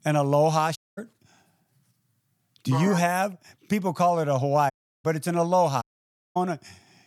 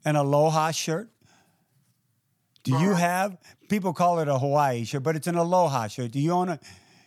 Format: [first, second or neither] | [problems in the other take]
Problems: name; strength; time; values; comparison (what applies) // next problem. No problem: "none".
second | audio cutting out; at 1 s, at 4.5 s and at 6 s for 0.5 s